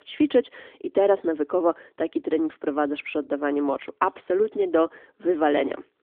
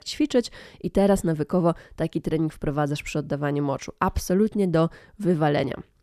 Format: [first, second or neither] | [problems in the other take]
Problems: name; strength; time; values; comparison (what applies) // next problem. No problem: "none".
second | phone-call audio